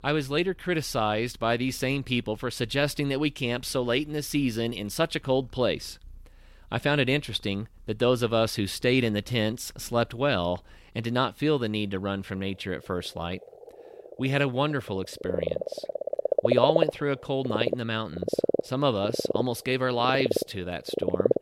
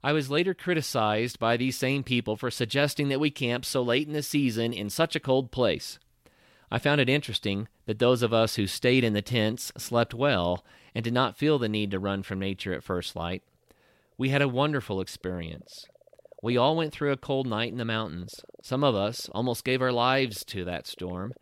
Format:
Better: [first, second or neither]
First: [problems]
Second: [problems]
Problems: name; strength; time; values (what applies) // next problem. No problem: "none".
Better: second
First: animal sounds; loud; throughout; 1 dB below the speech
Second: animal sounds; faint; throughout; 25 dB below the speech